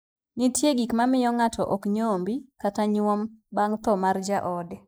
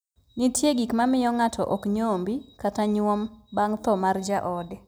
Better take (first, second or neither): second